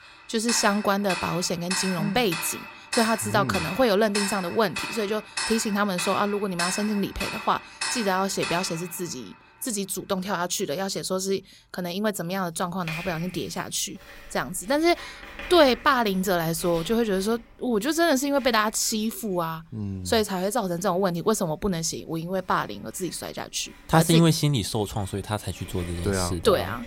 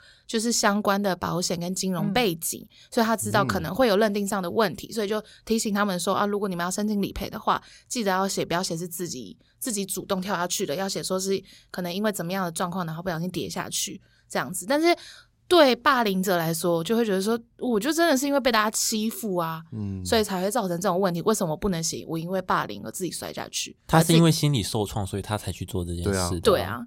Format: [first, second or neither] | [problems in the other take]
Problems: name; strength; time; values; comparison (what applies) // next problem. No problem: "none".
second | household noises; loud; throughout; 8 dB below the speech